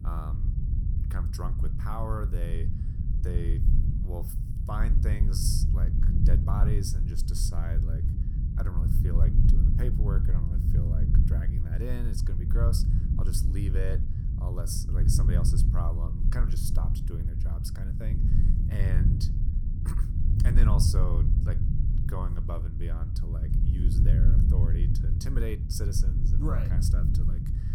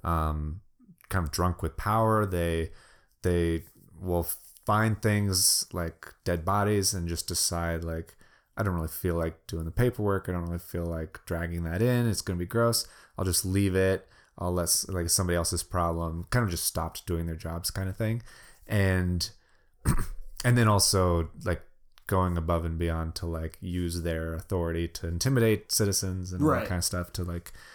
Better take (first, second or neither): second